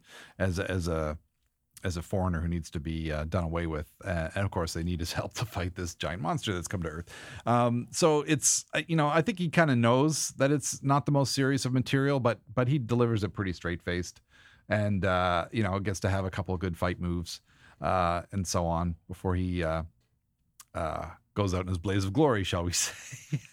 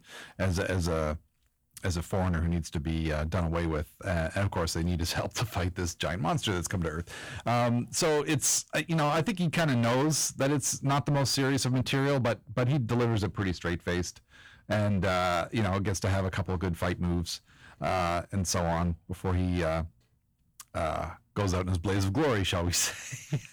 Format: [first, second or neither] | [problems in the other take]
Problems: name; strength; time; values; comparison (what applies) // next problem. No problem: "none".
first | distortion; heavy; 16% of the sound clipped